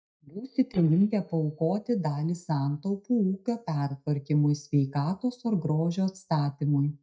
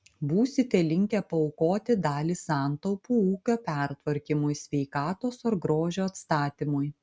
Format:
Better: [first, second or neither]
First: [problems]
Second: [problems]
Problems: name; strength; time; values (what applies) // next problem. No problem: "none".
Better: second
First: noise reduction (neural mask model DeepFilterNet 3)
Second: none